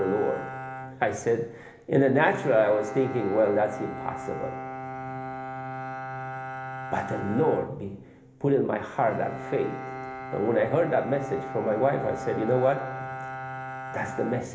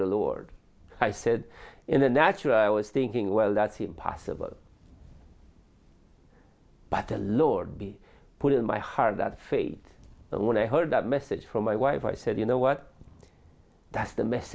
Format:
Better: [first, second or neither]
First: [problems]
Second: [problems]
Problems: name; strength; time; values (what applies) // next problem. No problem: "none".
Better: second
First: background sound (Bowed string instrument); 9 dB below the speech // room echo; dies away in 1 s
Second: none